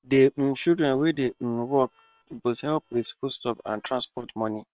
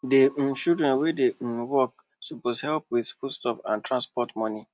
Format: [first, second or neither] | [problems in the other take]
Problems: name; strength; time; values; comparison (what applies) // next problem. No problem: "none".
second | noise reduction (neural separator model SepFormer WHAM!)